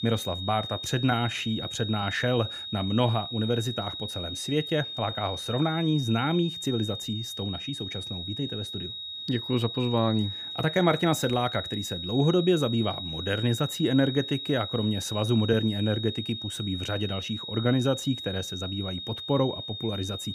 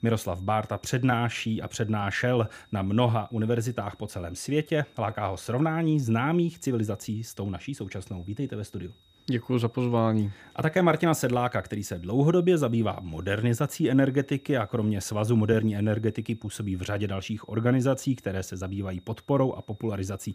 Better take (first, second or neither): second